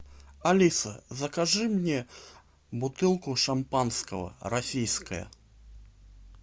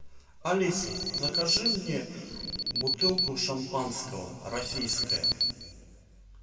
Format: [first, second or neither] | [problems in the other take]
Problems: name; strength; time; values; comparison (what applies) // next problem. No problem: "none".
first | background sound (Alarm); 2 dB above the speech // room echo; dies away in 2 s